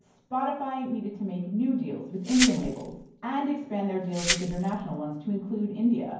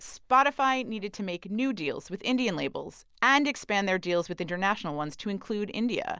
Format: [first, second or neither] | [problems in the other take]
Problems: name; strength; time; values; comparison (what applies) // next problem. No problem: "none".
second | background sound (Glass); 5 dB below the speech // room echo; dies away in 0.9 s